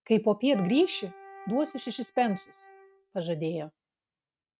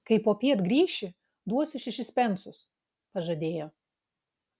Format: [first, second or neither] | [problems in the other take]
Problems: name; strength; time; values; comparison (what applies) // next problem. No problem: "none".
second | noise reduction (neural mask model RNNoise)